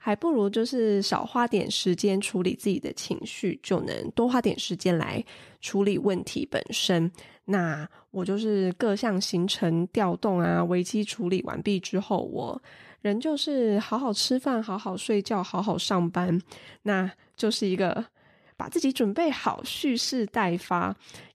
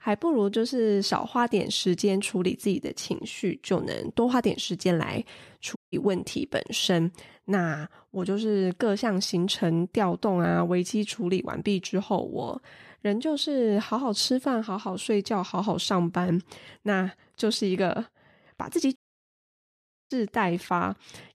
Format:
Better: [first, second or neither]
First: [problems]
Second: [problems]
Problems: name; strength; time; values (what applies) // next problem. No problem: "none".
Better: first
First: none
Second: audio cutting out; at 6 s and at 19 s for 1 s